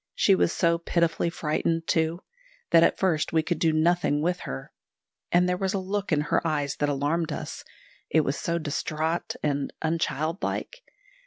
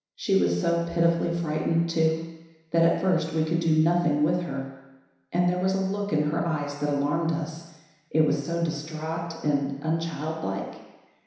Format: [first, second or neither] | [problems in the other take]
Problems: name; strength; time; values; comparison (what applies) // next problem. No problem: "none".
first | room echo; dies away in 1 s